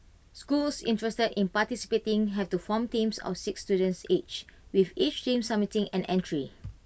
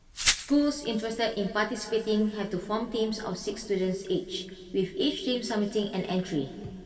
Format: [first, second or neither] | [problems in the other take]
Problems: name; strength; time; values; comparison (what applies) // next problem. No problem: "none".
first | background sound (Glass); 2 dB below the speech // room echo; dies away in 2.4 s